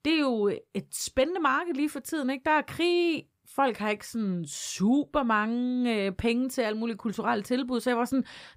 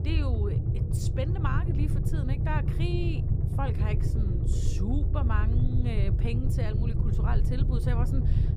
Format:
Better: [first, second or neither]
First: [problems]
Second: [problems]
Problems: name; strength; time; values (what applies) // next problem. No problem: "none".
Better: first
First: none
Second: low rumble; loud; throughout; 3 dB below the speech